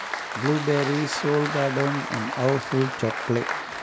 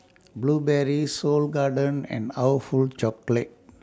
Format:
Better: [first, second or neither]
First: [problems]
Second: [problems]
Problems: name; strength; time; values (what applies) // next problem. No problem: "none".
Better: second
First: background sound (Applause); 5 dB below the speech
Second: none